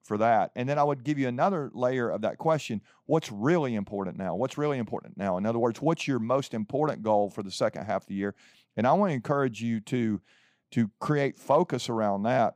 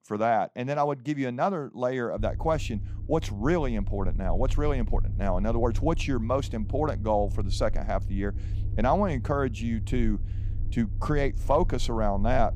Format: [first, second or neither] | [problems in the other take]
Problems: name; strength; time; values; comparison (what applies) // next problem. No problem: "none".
first | low rumble; faint; from 2 s on; 20 dB below the speech